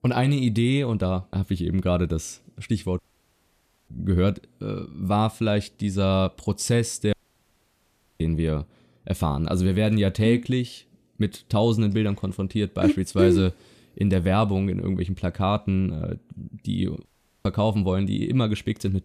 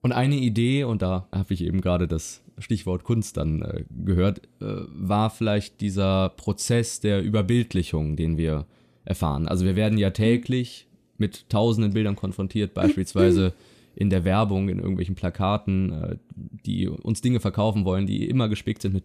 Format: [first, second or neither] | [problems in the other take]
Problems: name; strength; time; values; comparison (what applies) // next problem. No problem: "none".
second | audio cutting out; at 3 s for 1 s, at 7 s for 1 s and at 17 s